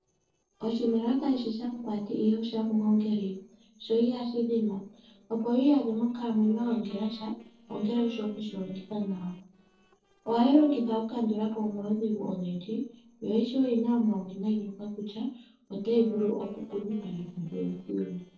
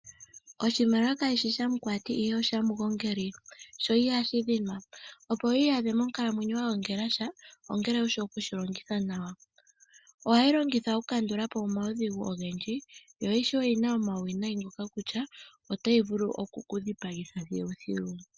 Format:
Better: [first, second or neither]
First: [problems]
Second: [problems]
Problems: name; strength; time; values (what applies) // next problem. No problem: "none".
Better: second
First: noise reduction (neural separator model SepFormer DNS4)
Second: none